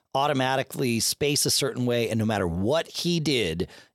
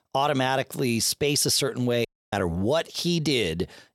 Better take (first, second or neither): first